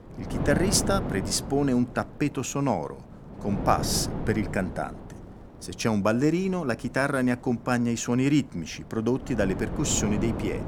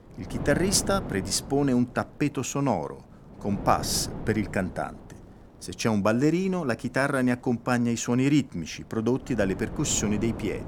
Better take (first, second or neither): second